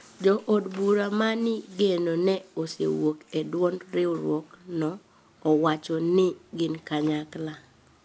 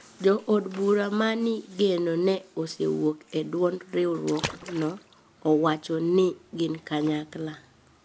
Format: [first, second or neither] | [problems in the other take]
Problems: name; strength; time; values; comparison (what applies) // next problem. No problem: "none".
first | background sound (Water / Splash, splatter); 13 dB below the speech